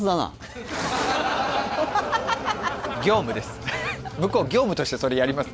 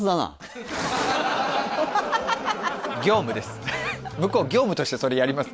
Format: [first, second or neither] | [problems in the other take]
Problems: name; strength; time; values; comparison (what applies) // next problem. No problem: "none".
second | background sound (Engine); 19 dB below the speech